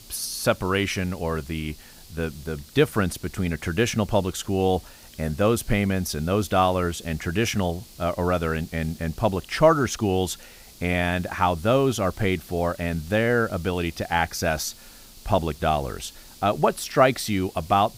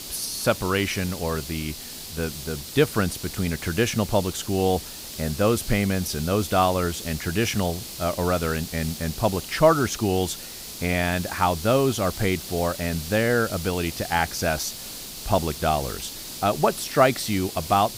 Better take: first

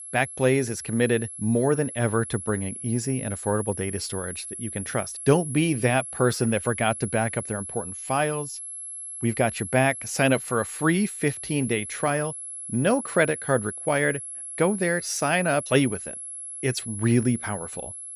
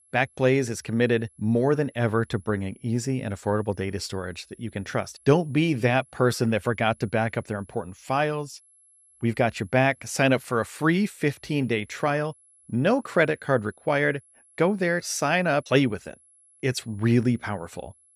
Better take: second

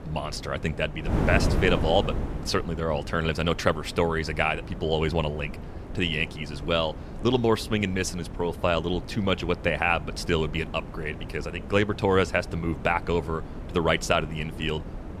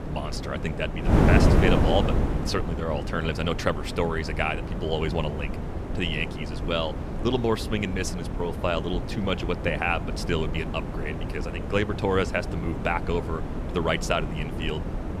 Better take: first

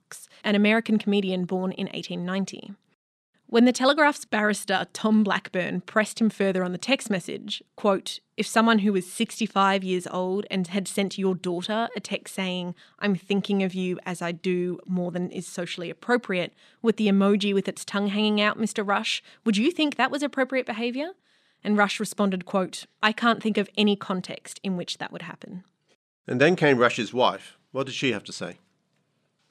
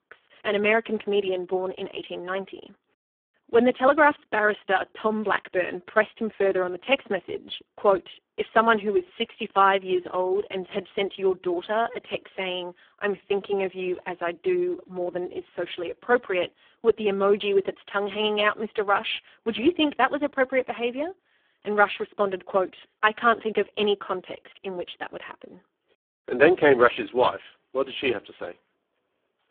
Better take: first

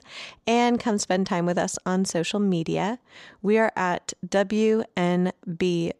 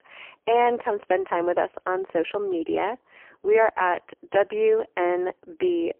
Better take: first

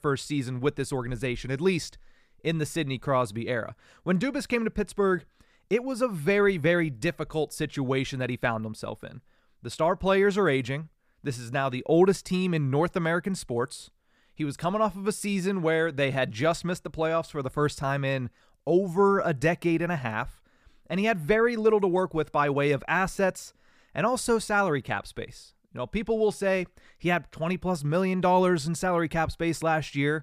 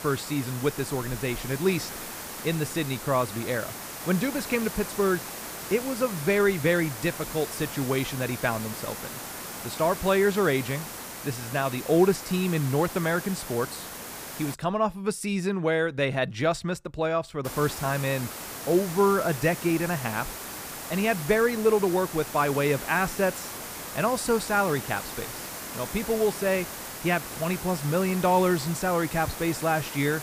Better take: first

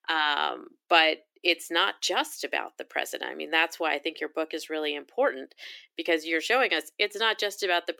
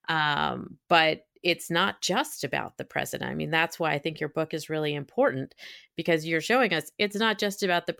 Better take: second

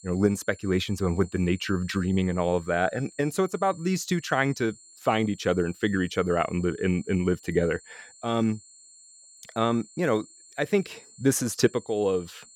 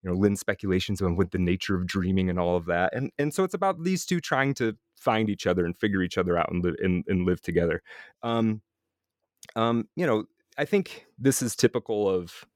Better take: second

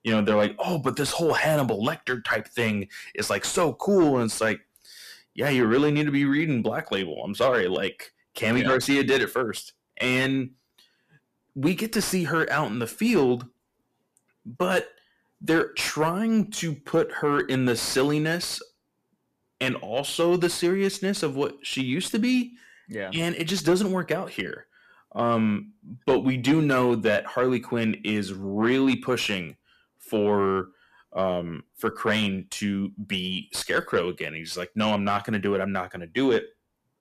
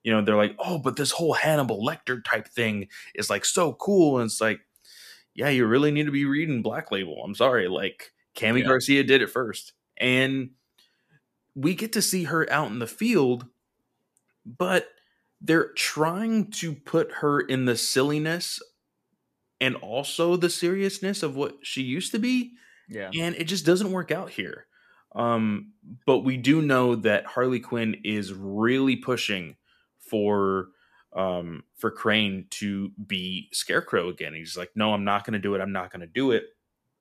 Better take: second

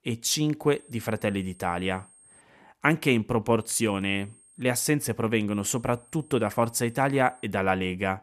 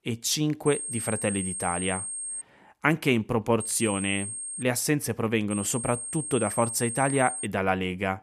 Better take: first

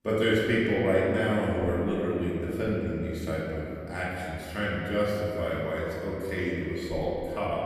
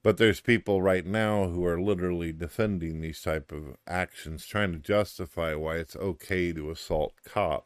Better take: second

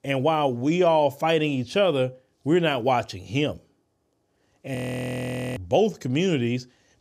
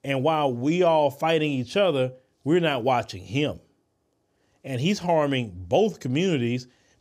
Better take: second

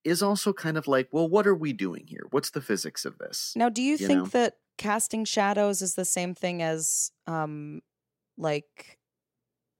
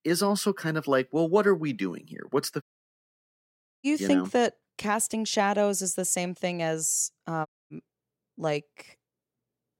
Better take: first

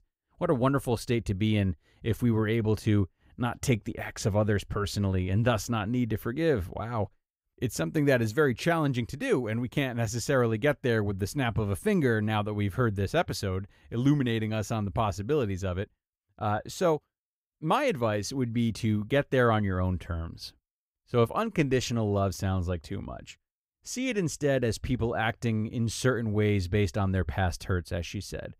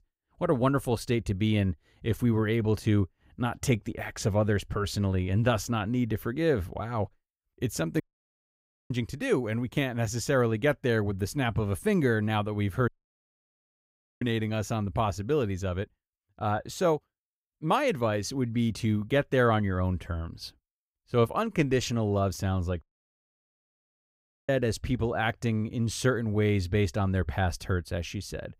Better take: first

